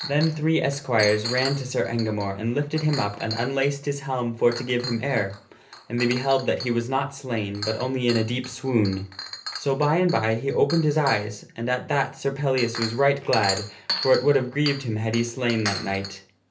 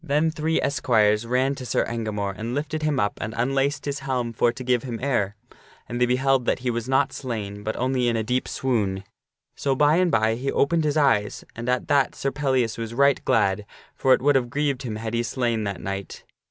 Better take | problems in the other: second | background sound (Chink, clink); 12 dB below the speech // room echo; dies away in 0.3 s

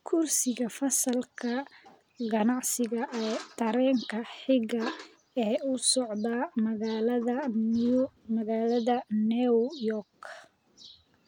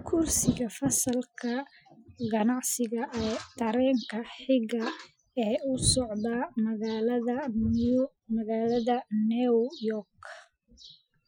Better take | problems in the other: first | noise reduction (classical method Wiener filter)

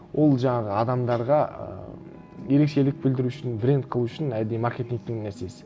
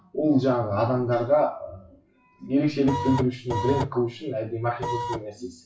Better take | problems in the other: first | noise reduction (classical method WPE with log-MMSE)

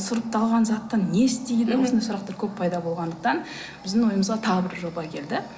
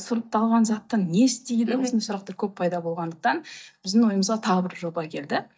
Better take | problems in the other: first | noise reduction (neural mask model DeepFilterNet 3)

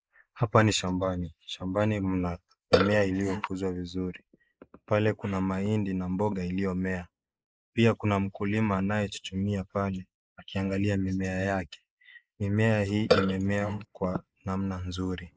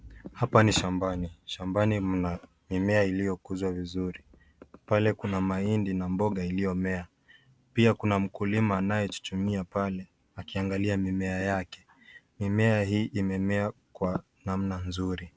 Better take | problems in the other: second | noise reduction (neural mask model Resemble Enhance denoiser)

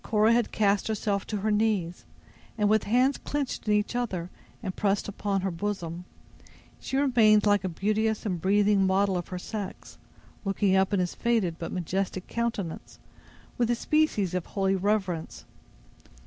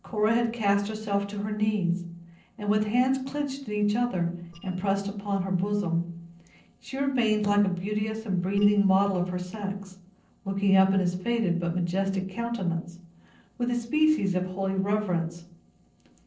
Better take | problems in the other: first | noise reduction (neural separator model SepFormer DNS4)

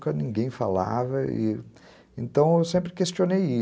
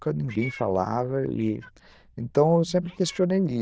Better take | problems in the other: first | noise reduction (neural diffusion model UNIVERSE++)

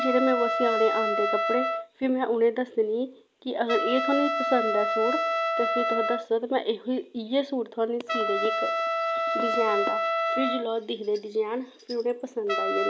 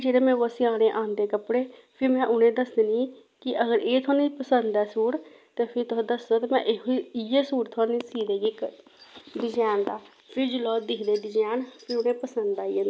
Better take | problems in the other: second | background sound (Trumpet); 1 dB below the speech

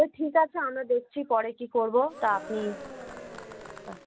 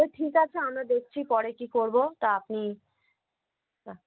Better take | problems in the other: second | background sound (Cheering); 13 dB below the speech

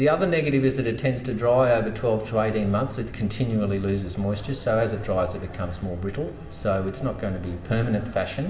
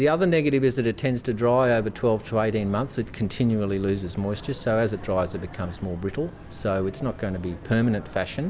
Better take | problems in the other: second | room echo; dies away in 0.9 s

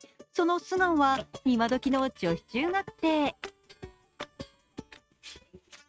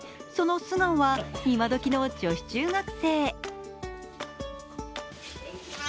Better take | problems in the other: second | noise reduction (neural mask model RNNoise)

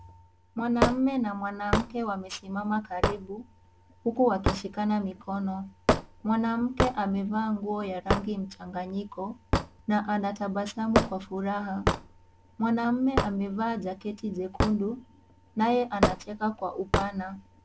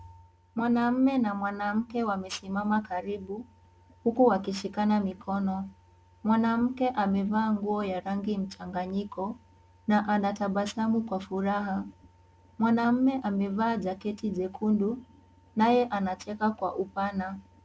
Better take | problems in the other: second | background sound (Hammer / Wood); 3 dB below the speech

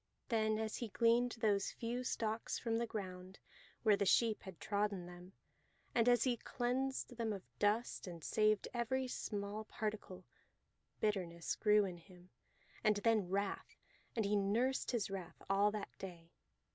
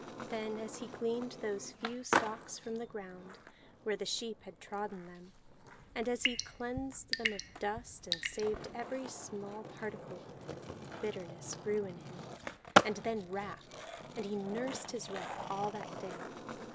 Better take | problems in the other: first | background sound (Drip / Sink (filling or washing) / Water tap, faucet / Water + Skateboard); as loud as the speech

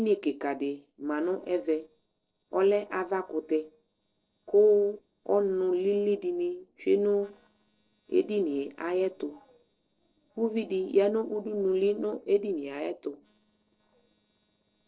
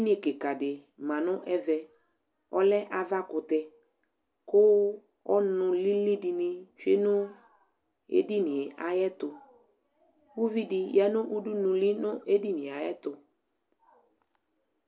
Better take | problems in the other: second | noise reduction (neural separator model SepFormer DNS4)

